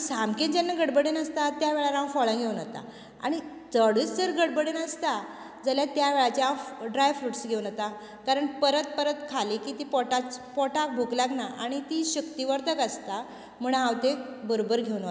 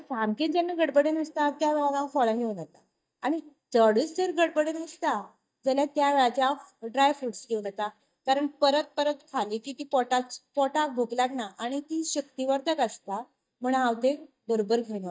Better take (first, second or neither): first